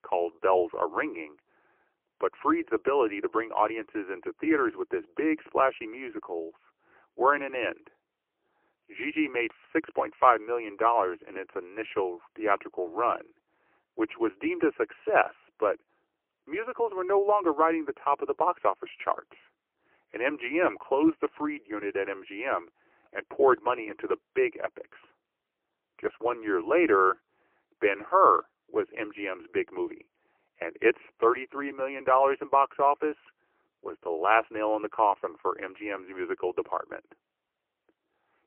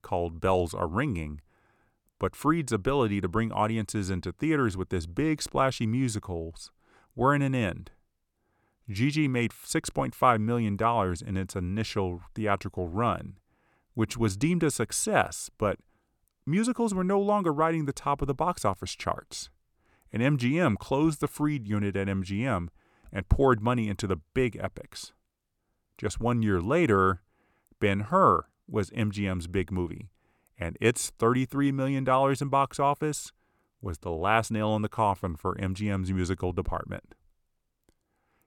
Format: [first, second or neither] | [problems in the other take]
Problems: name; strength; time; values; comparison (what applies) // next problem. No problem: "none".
second | phone-call audio; poor line; nothing above 3 kHz